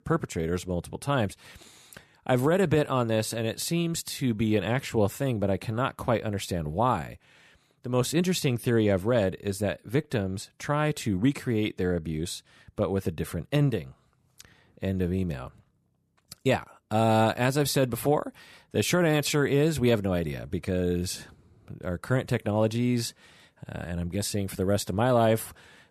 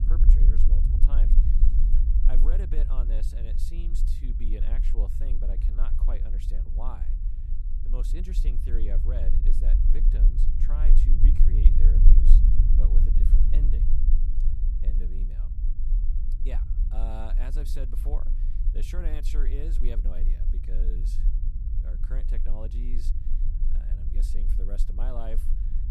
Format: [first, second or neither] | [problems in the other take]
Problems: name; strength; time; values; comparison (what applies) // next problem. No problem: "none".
first | low rumble; loud; throughout; 2 dB below the speech